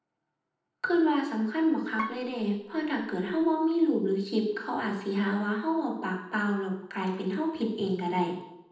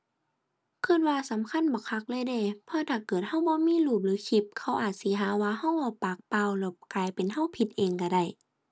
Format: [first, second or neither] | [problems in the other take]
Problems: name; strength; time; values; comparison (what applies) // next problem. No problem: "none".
second | noise reduction (neural separator model SepFormer DNS4)